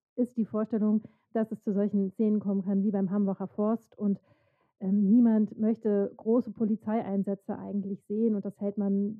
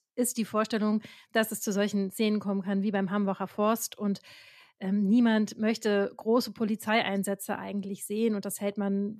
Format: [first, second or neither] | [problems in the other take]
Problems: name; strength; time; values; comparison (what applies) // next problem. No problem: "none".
second | muffled; very; fading above 1.5 kHz